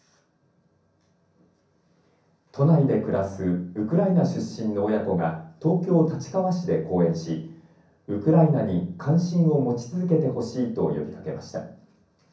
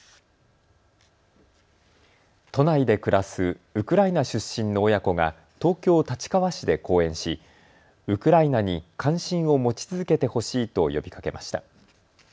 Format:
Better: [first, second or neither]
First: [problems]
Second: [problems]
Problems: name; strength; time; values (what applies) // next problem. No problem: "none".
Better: second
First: room echo; dies away in 0.6 s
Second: none